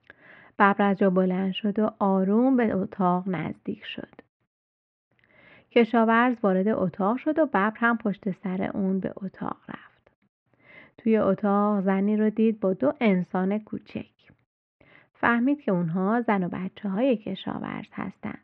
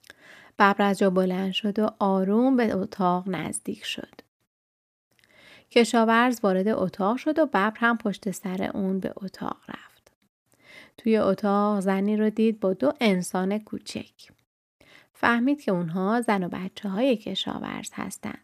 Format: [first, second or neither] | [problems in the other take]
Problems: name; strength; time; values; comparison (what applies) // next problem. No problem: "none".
second | muffled; very; fading above 2.5 kHz